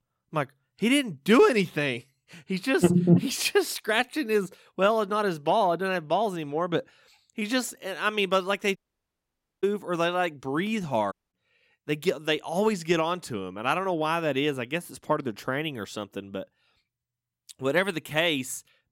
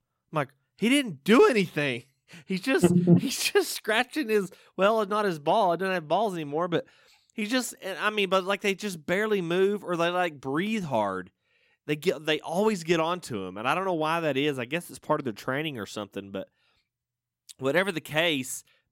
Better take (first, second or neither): second